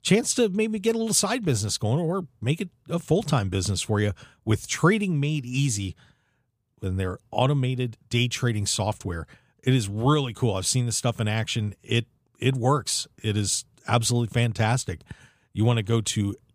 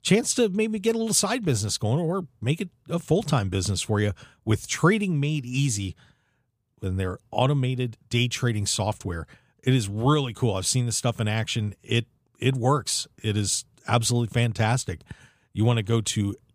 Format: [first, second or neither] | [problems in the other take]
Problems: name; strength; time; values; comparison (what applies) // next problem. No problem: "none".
neither | none